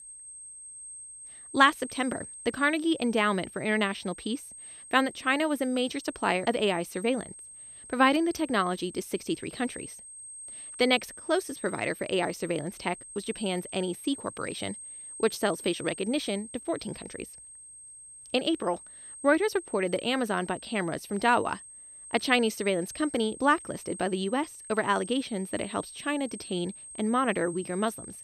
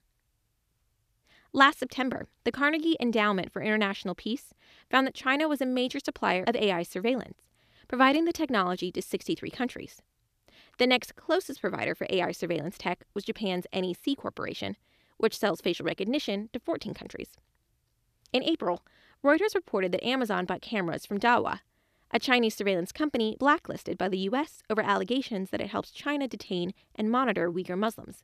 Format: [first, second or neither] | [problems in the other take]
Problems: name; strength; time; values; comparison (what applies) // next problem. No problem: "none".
second | high-pitched whine; noticeable; throughout; 8.5 kHz, 15 dB below the speech